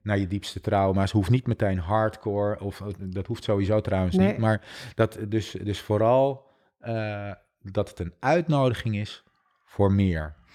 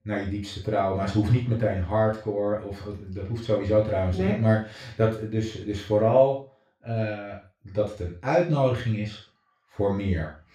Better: first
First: none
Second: room echo; noticeable; dies away in 0.3 s // off-mic speech; far

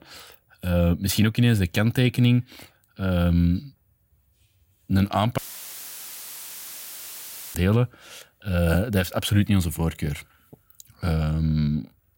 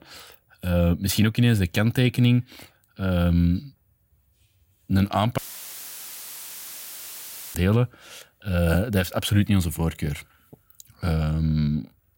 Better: neither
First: audio cutting out; filled with static; at 5.5 s for 2 s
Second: audio cutting out; filled with static; at 5.5 s for 2 s

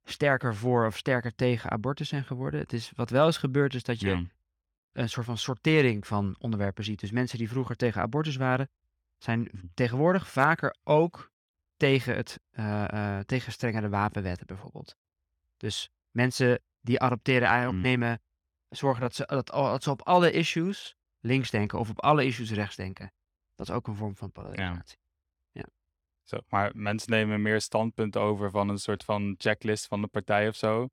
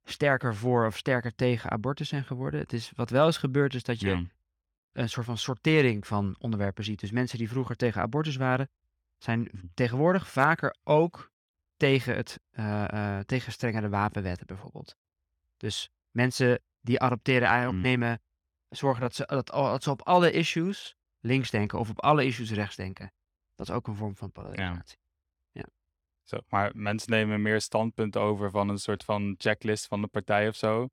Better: neither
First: none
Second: none

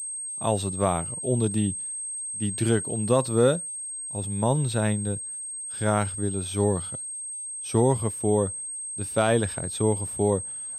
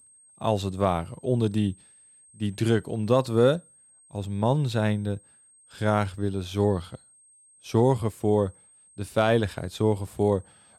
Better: second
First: high-pitched whine; loud; throughout; 8.5 kHz, 5 dB below the speech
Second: high-pitched whine; faint; throughout; 8.5 kHz, 30 dB below the speech

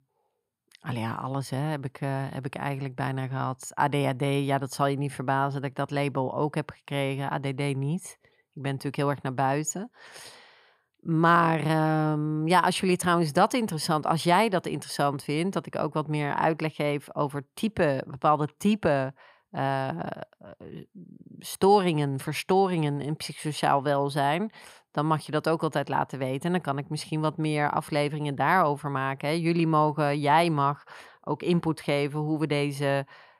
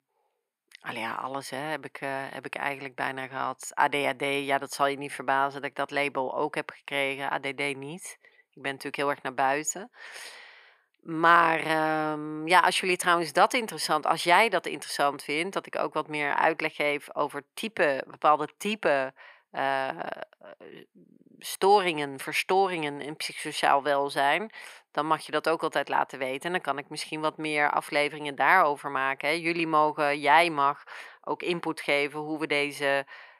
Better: first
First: none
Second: thin; somewhat; fading below 400 Hz

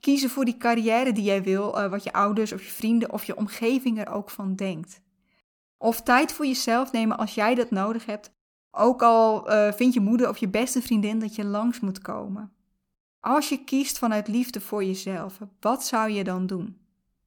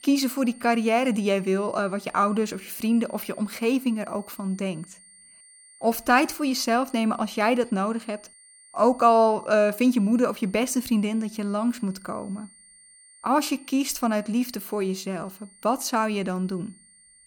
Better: first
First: none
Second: high-pitched whine; faint; throughout; 9 kHz, 25 dB below the speech

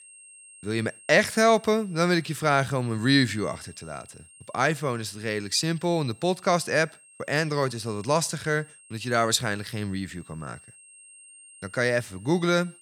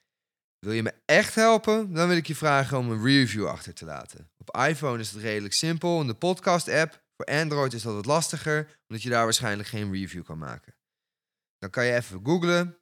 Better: second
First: high-pitched whine; faint; throughout; 8.5 kHz, 25 dB below the speech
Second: none

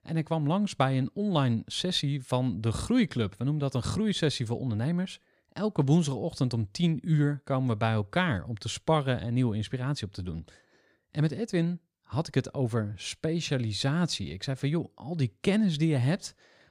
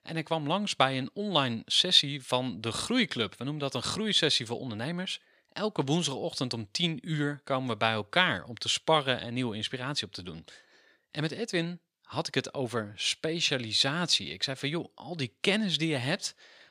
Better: first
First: none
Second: thin; somewhat; fading below 500 Hz

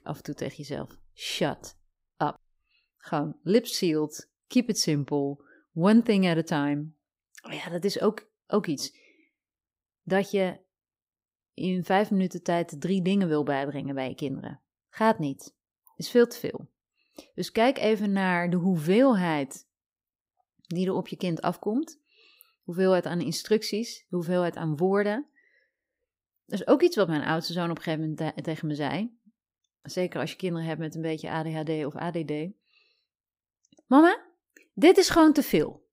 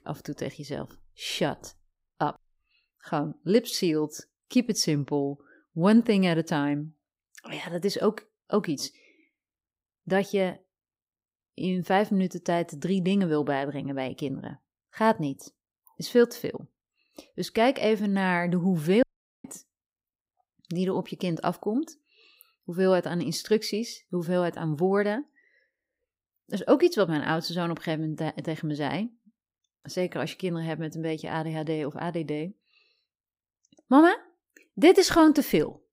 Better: first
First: none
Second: audio cutting out; at 19 s

